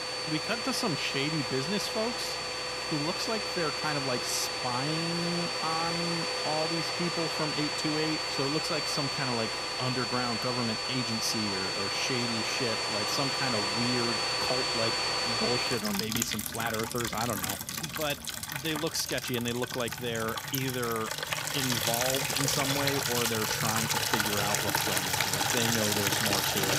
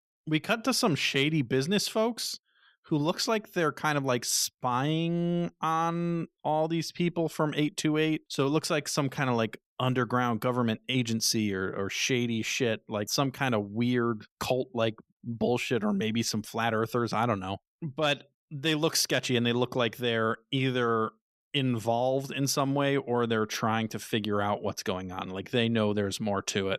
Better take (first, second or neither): second